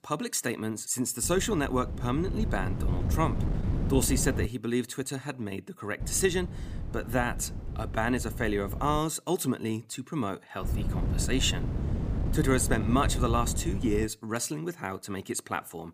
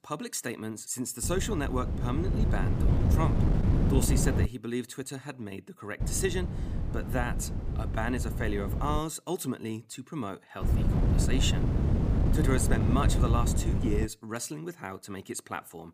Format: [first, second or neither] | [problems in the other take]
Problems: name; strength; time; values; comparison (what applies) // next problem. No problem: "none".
first | wind noise on the microphone; heavy; from 1 to 4.5 s, from 6 to 9 s and from 11 to 14 s; 4 dB below the speech; occasional gusts in the first